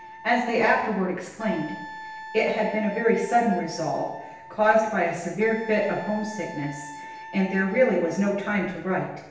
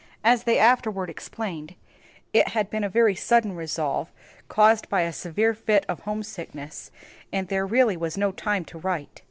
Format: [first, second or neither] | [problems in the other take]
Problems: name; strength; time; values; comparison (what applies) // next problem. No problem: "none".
second | background sound (Wind instrument, woodwind instrument); 16 dB below the speech // room echo; dies away in 0.9 s